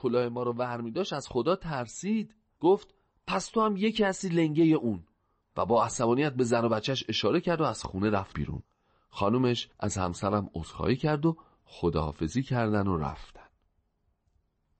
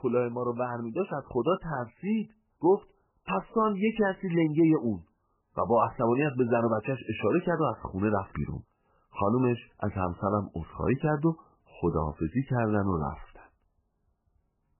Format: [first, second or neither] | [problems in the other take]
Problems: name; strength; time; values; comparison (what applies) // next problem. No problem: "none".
first | garbled, watery; badly; nothing above 3 kHz; slightly in the first